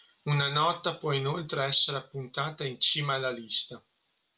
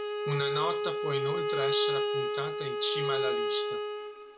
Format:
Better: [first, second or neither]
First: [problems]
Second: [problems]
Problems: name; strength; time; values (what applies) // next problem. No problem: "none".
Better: first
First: none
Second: background sound (Bowed string instrument); 5 dB above the speech